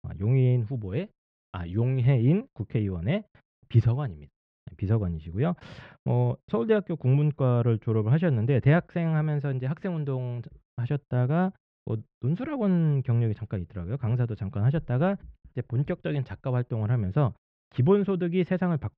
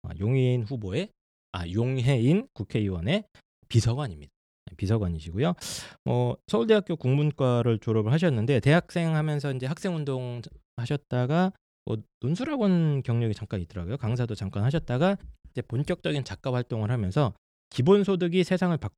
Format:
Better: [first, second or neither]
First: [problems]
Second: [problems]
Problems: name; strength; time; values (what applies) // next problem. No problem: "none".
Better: second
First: muffled; very; fading above 2.5 kHz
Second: none